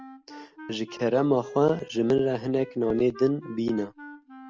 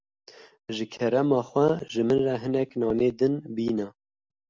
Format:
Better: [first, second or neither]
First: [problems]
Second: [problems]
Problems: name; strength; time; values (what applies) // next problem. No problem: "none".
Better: second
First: background sound (Wind instrument, woodwind instrument); 18 dB below the speech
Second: none